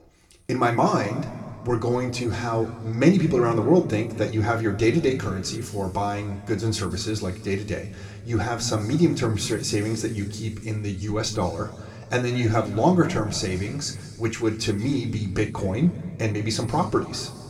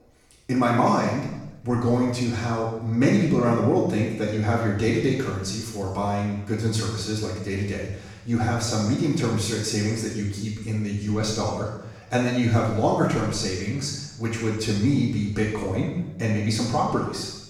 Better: first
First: room echo; slight; dies away in 1.7 s // off-mic speech; somewhat distant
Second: room echo; strong; dies away in 0.8 s // off-mic speech; far

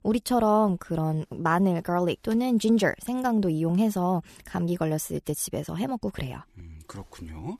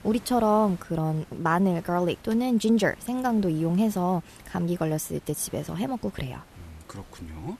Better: first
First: none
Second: hiss; faint; throughout; 25 dB below the speech

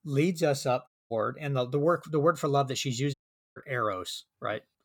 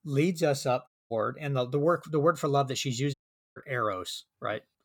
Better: neither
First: audio cutting out; at 1 s and at 3 s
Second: audio cutting out; at 1 s and at 3 s

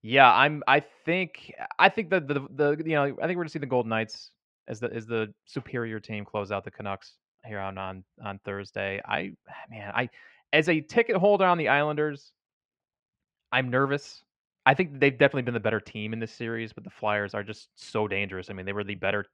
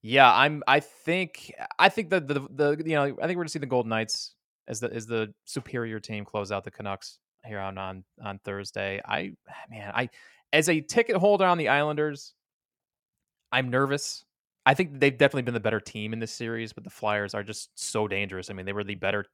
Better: second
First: muffled; slightly; fading above 2.5 kHz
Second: none

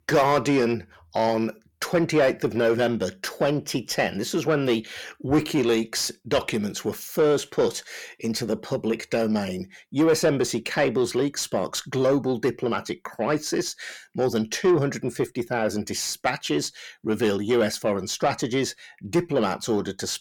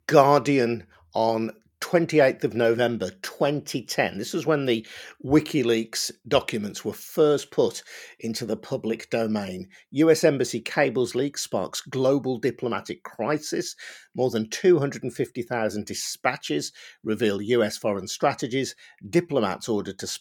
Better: second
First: distortion; slight; 10 dB below the speech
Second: none

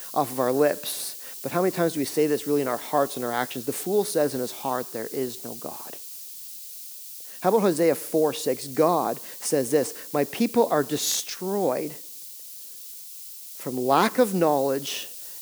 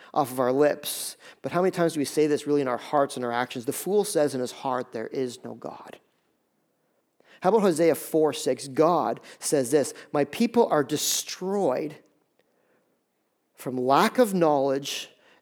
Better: second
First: hiss; noticeable; throughout; 10 dB below the speech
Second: none

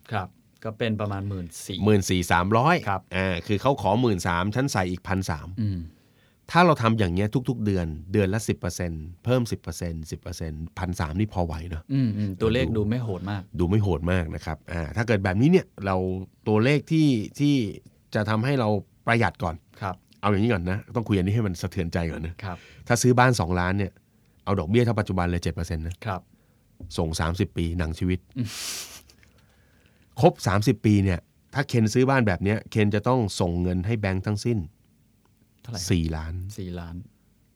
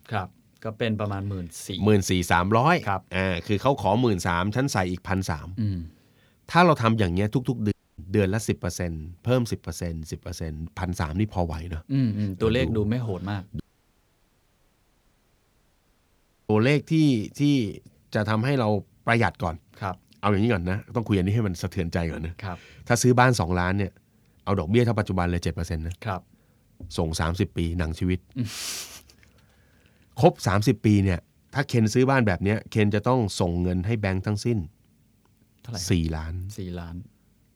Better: first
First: none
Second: audio cutting out; at 7.5 s and at 14 s for 3 s

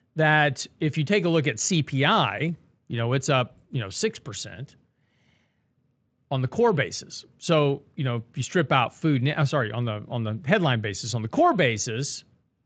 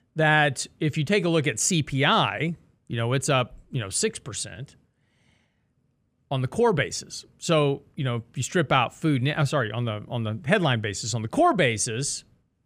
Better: second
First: garbled, watery; slightly; nothing above 7.5 kHz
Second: none

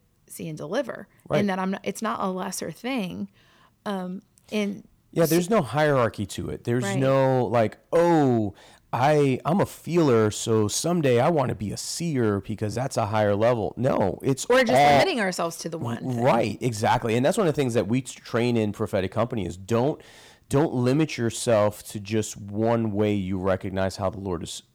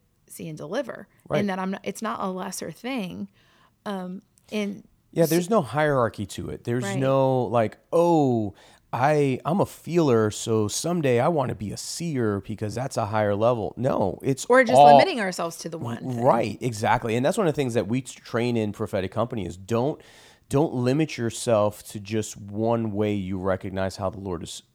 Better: second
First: distortion; slight; 3% of the sound clipped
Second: none

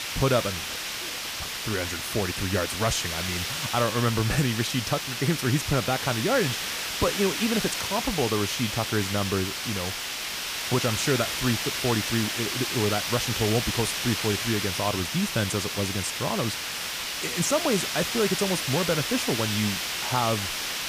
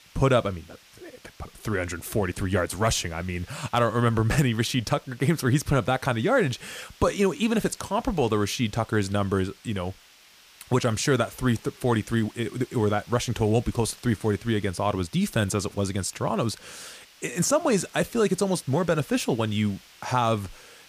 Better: second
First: hiss; loud; throughout; 1 dB below the speech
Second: hiss; faint; throughout; 25 dB below the speech

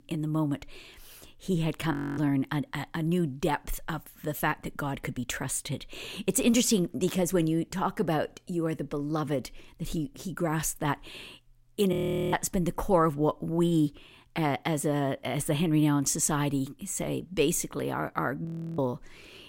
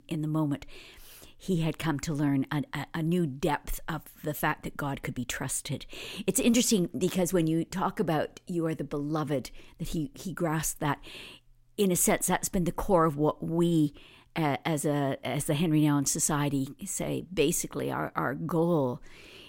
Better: second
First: audio freezing; at 2 s, at 12 s and at 18 s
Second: none

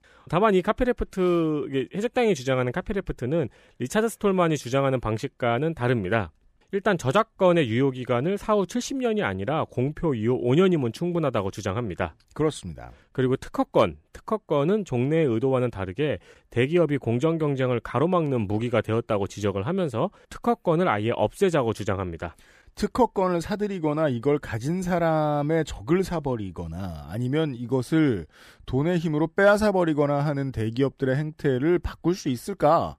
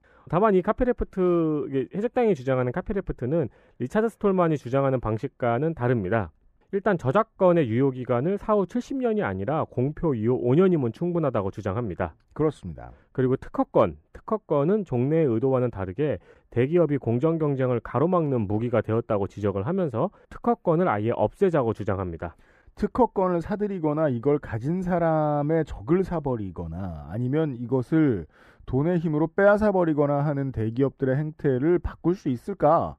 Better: first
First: none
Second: muffled; slightly; fading above 2.5 kHz

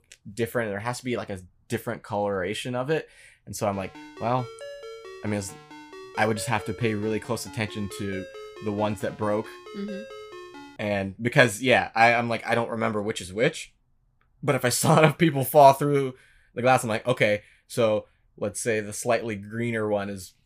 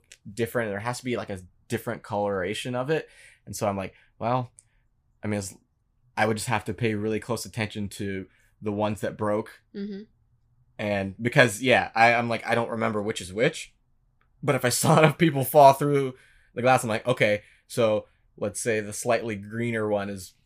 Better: second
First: phone ringing; faint; from 3.5 to 11 s; peak 15 dB below the speech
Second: none

